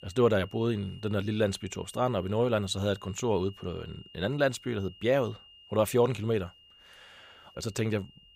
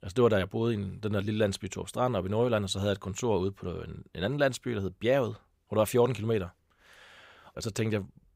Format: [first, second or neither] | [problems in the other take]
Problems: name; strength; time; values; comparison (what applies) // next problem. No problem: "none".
second | high-pitched whine; faint; throughout; 3 kHz, 25 dB below the speech